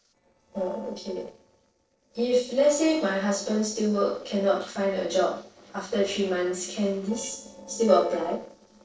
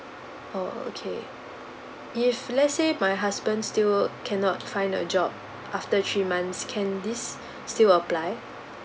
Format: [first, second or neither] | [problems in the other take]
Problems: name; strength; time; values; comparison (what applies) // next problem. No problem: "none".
second | noise reduction (neural separator model SepFormer DNS4)